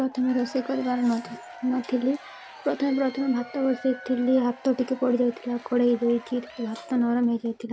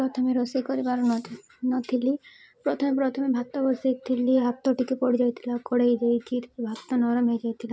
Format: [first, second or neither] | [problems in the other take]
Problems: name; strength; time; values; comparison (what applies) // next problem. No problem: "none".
second | background sound (Applause / Crowd / Cheering); 19 dB below the speech